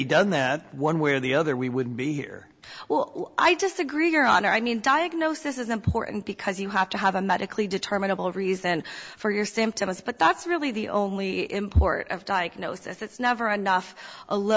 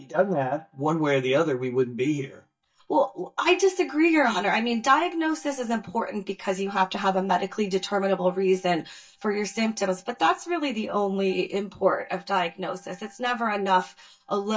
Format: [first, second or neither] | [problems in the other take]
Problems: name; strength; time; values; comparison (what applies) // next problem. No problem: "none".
first | noise reduction (neural mask model DeepFilterNet 3)